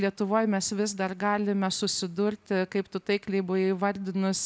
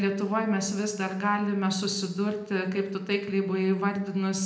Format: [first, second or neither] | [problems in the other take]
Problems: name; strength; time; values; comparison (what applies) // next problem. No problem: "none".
first | room echo; dies away in 0.7 s